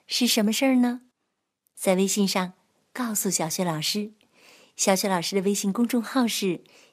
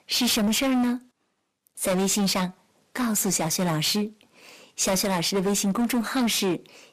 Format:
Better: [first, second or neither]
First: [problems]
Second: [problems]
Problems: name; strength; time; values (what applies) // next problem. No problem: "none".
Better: first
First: none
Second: distortion; heavy; 18% of the sound clipped